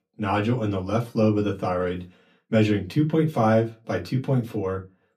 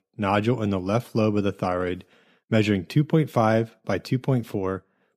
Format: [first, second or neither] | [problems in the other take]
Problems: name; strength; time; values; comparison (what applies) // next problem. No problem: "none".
second | off-mic speech; far // room echo; very slight; dies away in 0.2 s